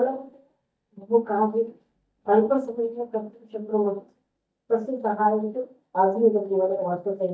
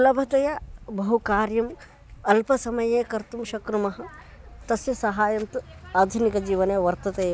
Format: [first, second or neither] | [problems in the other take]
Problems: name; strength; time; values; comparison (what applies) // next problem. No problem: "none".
second | noise reduction (neural mask model DeepFilterNet 3)